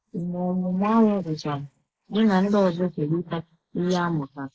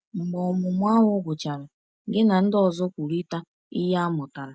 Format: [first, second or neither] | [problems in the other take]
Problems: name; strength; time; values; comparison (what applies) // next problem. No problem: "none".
second | noise reduction (neural mask model Resemble Enhance denoiser)